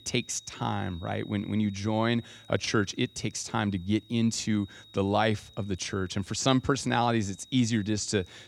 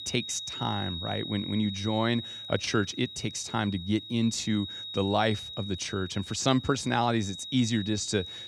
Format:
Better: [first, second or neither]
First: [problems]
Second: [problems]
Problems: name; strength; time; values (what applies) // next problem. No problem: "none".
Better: first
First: high-pitched whine; faint; throughout; 4 kHz, 25 dB below the speech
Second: high-pitched whine; loud; throughout; 4 kHz, 9 dB below the speech